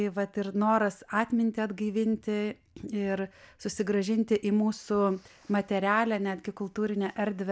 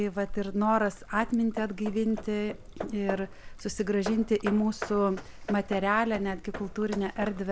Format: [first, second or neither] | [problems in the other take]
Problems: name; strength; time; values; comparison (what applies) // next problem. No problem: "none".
first | background sound (Hammer / Wood + Trickle, dribble); 11 dB below the speech